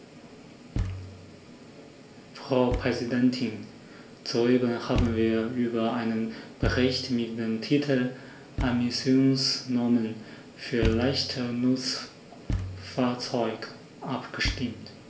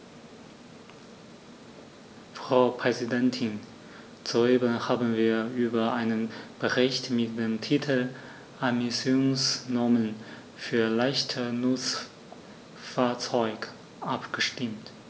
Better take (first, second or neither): second